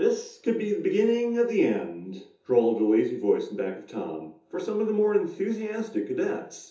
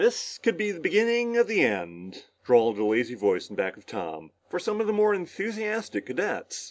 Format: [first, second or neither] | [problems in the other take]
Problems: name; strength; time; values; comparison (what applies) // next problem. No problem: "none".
second | room echo; dies away in 0.6 s